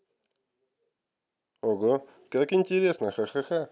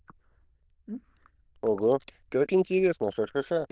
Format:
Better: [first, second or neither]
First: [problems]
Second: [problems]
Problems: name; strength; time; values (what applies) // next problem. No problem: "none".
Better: first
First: none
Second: noise reduction (neural diffusion model UNIVERSE++)